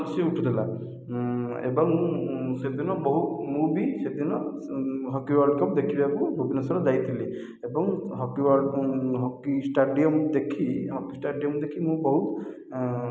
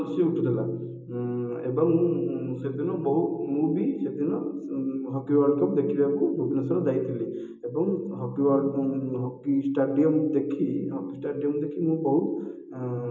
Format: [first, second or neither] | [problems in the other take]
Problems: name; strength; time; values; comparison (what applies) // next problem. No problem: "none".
first | room echo; dies away in 0.2 s